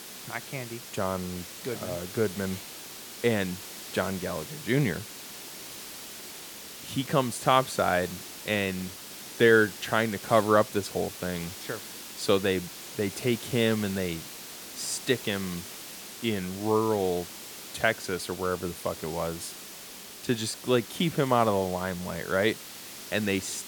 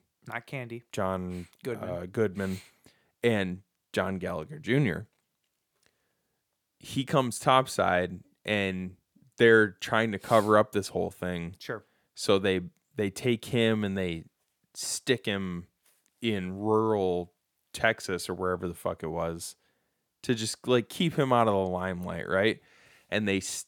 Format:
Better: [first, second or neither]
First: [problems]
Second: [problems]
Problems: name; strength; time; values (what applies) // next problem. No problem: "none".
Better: second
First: hiss; noticeable; throughout; 10 dB below the speech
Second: none